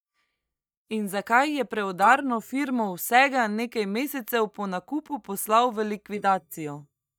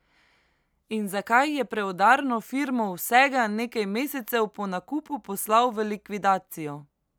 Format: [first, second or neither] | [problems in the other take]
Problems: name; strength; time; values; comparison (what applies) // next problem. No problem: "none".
second | noise reduction (neural mask model DeepFilterNet 3)